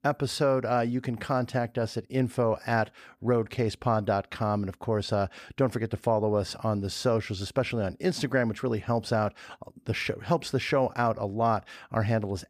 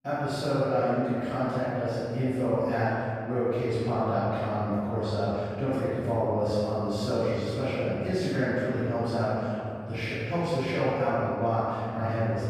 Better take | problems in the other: first | room echo; strong; dies away in 2.2 s // off-mic speech; far

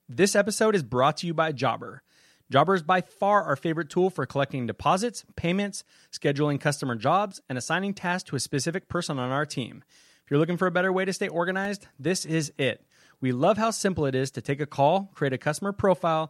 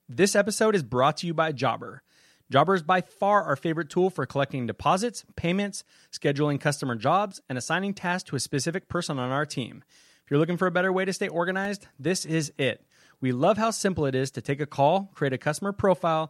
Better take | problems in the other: neither | none

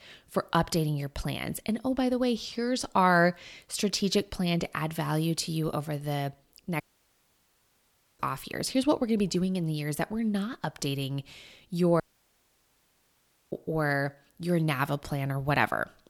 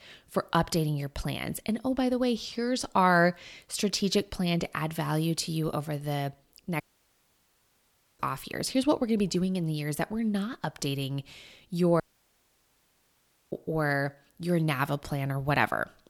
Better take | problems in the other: neither | audio cutting out; at 7 s for 1.5 s and at 12 s for 1.5 s; the same in both

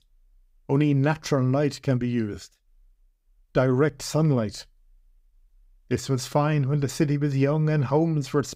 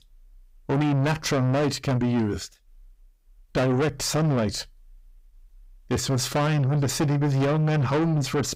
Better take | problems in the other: first | distortion; heavy; 6 dB below the speech

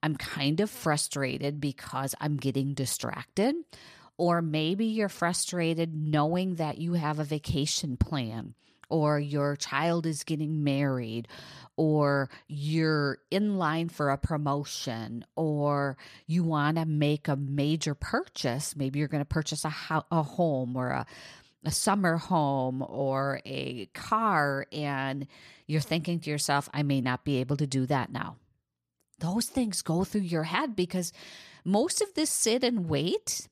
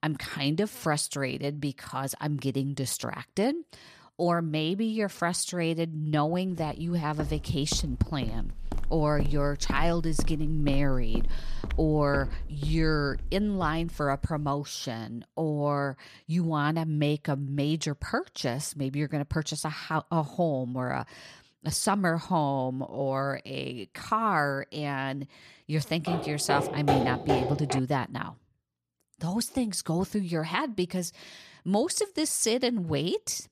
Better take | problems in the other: first | footsteps; noticeable; from 7 to 14 s; peak 6 dB below the speech // footsteps; loud; from 26 to 28 s; peak 2 dB above the speech

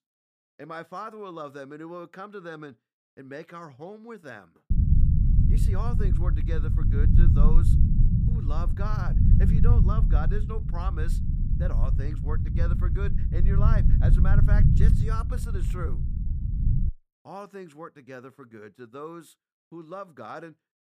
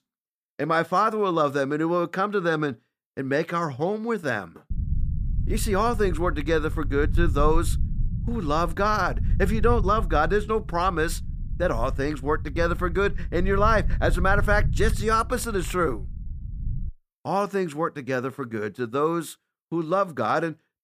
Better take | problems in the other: second | low rumble; loud; from 4.5 to 17 s; 1 dB below the speech; faint in the second

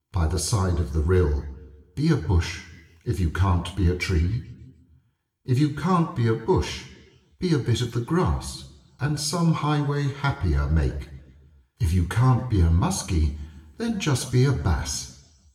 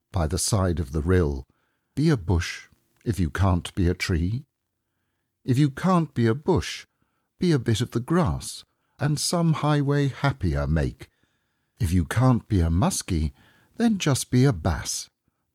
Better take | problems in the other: second | room echo; slight; dies away in 0.6 s

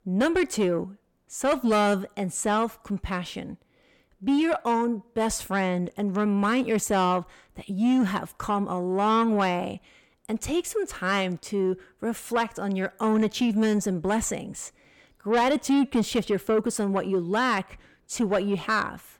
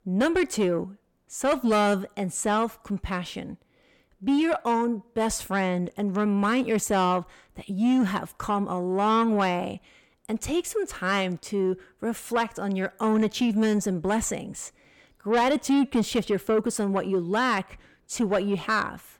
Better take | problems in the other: neither | distortion; slight; 10 dB below the speech; the same in both

